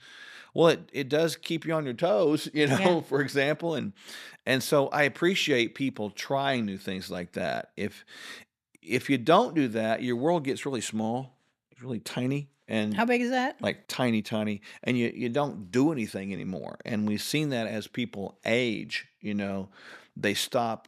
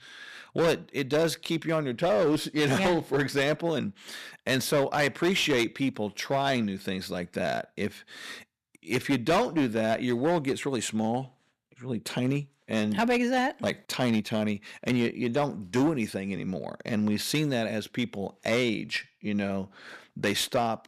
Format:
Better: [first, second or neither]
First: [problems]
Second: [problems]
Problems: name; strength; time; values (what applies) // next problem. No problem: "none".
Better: first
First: none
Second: distortion; slight; 7% of the sound clipped